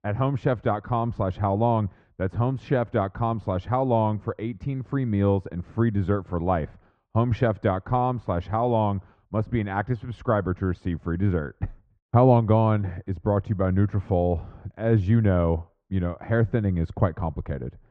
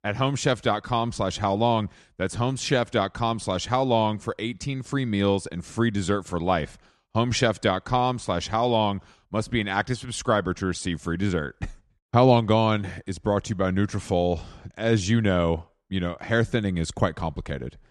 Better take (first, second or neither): second